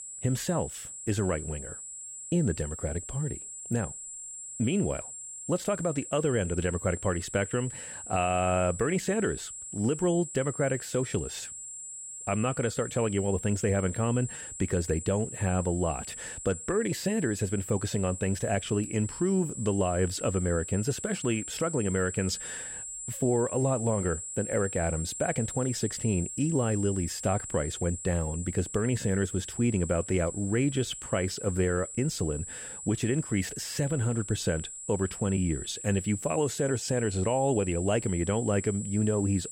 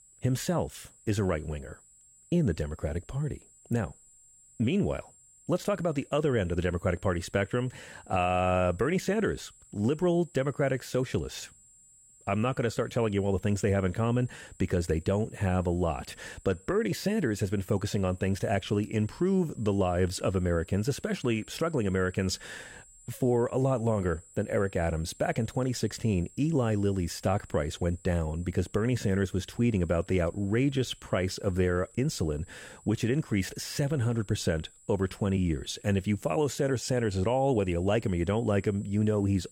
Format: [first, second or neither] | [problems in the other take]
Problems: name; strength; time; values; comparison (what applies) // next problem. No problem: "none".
second | high-pitched whine; loud; throughout; 7.5 kHz, 8 dB below the speech; faint in the second